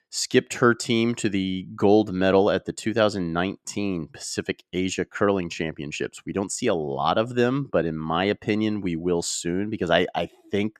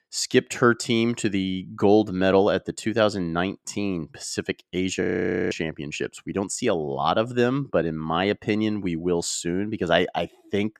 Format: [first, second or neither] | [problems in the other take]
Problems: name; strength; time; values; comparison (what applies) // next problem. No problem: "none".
first | audio freezing; at 5 s